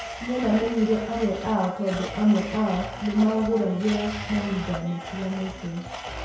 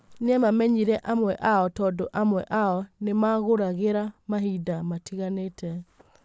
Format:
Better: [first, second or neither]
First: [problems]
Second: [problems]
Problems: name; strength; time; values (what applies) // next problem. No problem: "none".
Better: second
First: background sound (Domestic sounds, home sounds); 10 dB below the speech // room echo; dies away in 0.7 s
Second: none